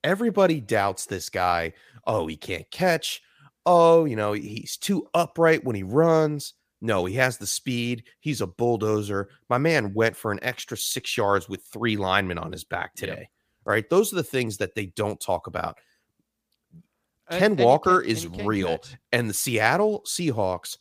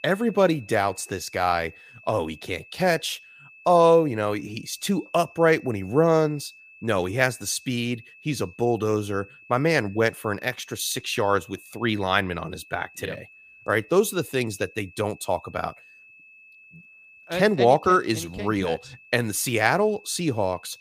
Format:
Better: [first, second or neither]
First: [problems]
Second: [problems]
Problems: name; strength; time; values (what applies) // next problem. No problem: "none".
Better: first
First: none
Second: high-pitched whine; faint; throughout; 2.5 kHz, 25 dB below the speech